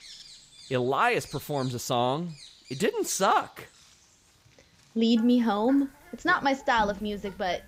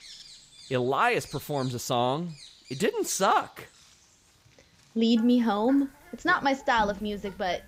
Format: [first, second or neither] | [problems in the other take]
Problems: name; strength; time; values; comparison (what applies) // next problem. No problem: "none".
neither | animal sounds; faint; throughout; 20 dB below the speech; the same in both